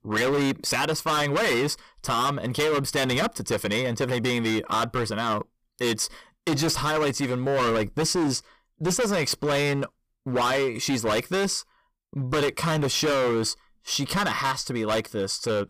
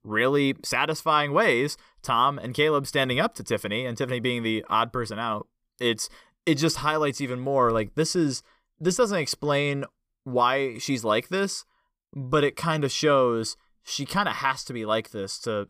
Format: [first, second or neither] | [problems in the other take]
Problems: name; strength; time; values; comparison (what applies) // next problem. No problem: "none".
second | distortion; heavy; 21% of the sound clipped